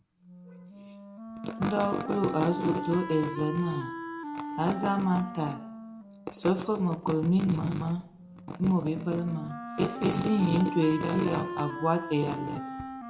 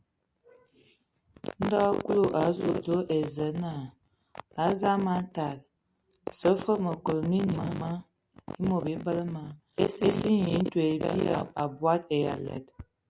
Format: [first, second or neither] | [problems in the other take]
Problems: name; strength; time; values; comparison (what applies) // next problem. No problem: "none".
second | background sound (Wind instrument, woodwind instrument); 10 dB below the speech // room echo; dies away in 0.6 s